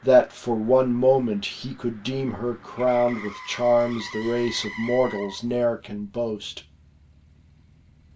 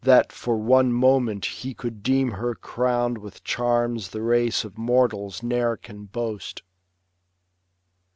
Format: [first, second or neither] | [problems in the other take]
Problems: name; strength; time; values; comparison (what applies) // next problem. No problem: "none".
second | background sound (Motor vehicle (road)); 18 dB below the speech // room echo; dies away in 0.2 s